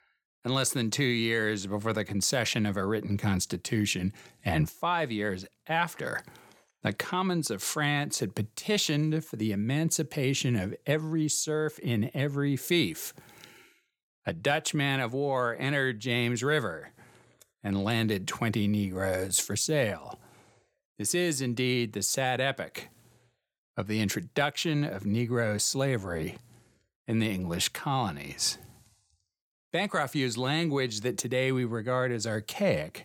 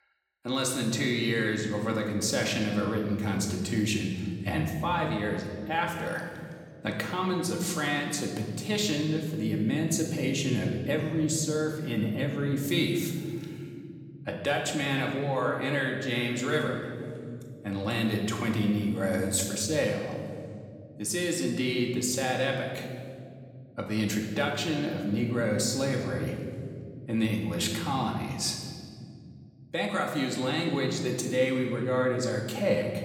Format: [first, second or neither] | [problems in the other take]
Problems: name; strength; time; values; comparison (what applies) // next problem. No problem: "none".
first | room echo; noticeable; dies away in 2.2 s // off-mic speech; somewhat distant